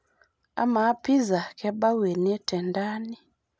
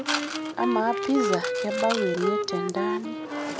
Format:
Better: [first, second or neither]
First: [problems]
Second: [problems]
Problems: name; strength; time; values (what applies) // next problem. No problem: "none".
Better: first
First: none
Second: background sound (Mechanisms + Wind instrument, woodwind instrument); 1 dB above the speech